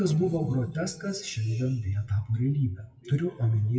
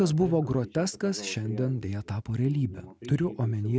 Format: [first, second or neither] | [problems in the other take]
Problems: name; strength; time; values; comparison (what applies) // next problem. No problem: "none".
second | noise reduction (classical method WPE with log-MMSE)